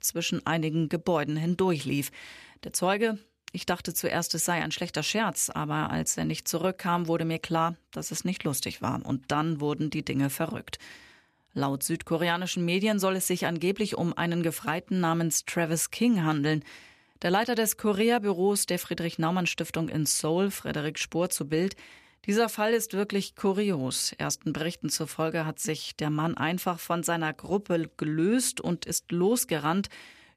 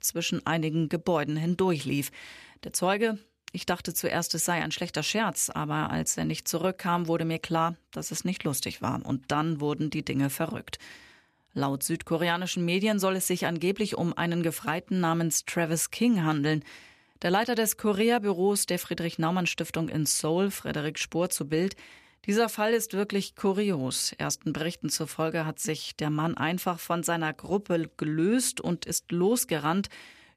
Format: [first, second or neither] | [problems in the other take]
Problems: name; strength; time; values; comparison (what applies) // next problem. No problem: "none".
neither | none